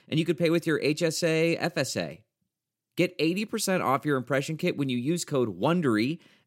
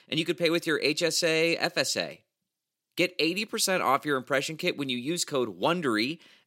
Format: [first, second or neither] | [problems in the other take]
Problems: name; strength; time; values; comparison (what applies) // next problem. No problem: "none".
first | thin; very slightly; fading below 950 Hz